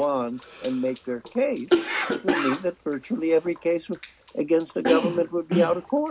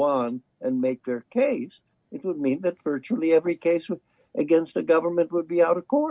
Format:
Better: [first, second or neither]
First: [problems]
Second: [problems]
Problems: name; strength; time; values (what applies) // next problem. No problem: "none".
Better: second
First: background sound (Cough); 4 dB below the speech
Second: none